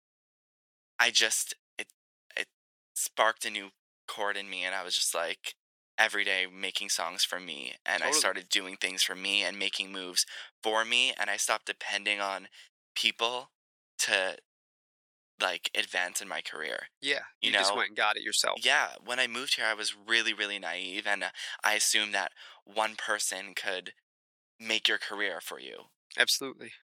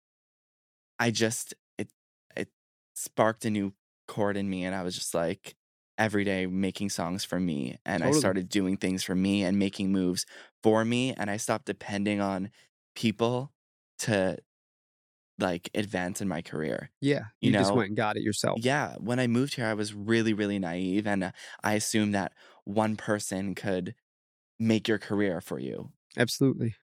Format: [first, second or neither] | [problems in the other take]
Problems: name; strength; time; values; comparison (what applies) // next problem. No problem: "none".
second | thin; very; fading below 950 Hz